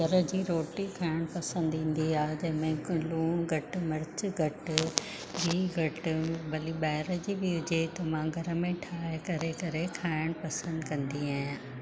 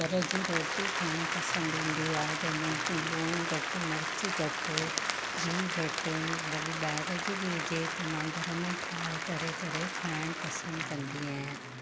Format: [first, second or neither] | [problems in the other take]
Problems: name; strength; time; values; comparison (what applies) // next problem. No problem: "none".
first | background sound (Applause); 1 dB above the speech